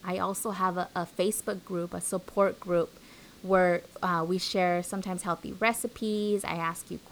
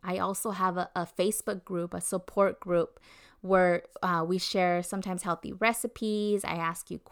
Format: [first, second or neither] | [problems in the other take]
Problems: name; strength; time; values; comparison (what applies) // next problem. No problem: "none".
second | hiss; faint; throughout; 25 dB below the speech